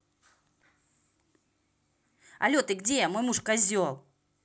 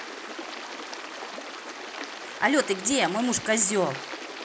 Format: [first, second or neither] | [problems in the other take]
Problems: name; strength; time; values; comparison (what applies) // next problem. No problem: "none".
first | background sound (Stream); 9 dB below the speech